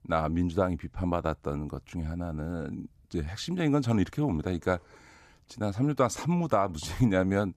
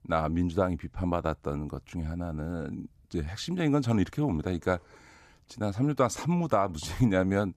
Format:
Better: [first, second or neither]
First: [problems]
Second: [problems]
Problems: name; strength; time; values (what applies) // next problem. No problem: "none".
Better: neither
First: none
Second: none